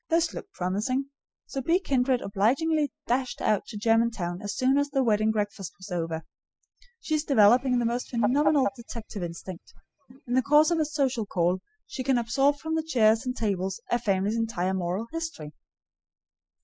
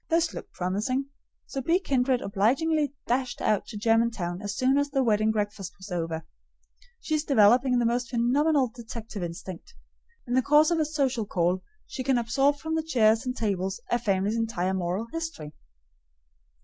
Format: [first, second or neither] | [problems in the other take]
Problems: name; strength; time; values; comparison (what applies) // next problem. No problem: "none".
second | noise reduction (classical method spectral subtraction)